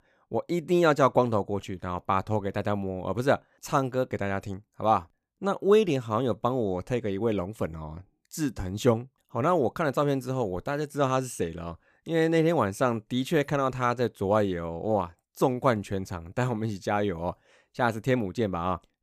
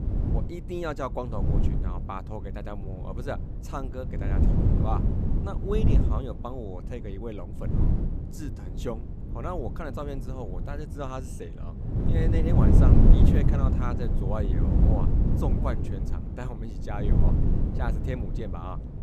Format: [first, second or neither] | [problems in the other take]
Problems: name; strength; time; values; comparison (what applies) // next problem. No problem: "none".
first | wind noise on the microphone; heavy; as loud as the speech